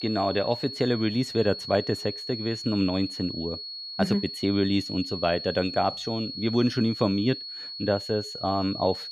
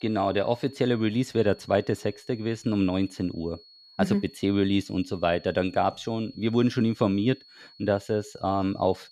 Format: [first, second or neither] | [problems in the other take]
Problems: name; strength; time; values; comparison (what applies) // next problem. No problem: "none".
second | high-pitched whine; loud; throughout; 4.5 kHz, 8 dB below the speech; faint in the second